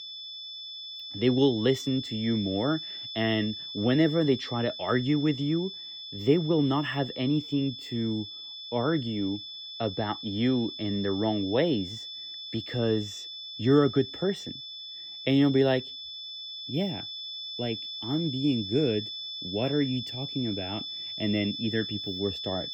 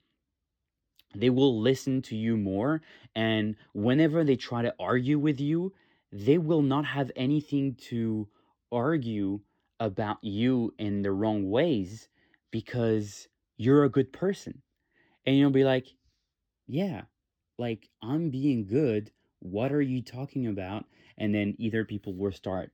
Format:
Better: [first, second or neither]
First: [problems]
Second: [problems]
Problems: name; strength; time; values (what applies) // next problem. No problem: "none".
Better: second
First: high-pitched whine; loud; throughout; 3.5 kHz, 8 dB below the speech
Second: none